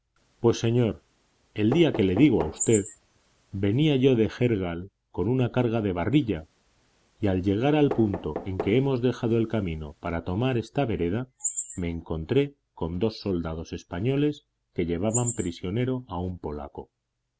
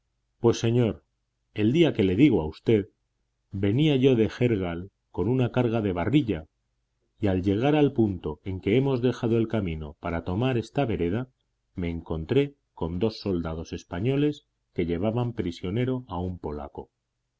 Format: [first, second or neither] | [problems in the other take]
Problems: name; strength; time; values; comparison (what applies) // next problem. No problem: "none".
second | background sound (Chirp, tweet + Knock); 12 dB below the speech